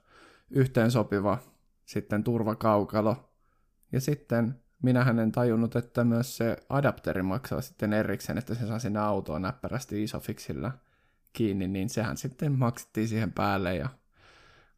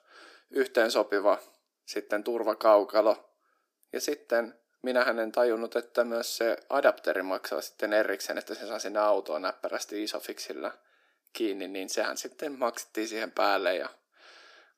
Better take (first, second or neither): first